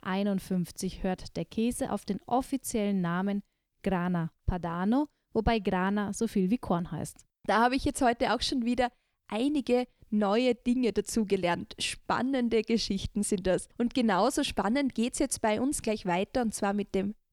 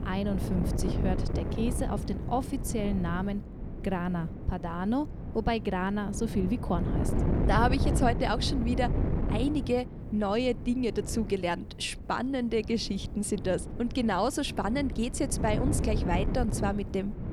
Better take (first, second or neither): first